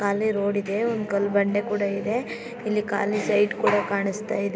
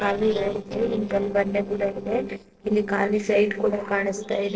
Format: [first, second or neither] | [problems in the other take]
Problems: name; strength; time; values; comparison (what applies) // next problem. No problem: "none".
first | noise reduction (neural separator model SepFormer DNS4)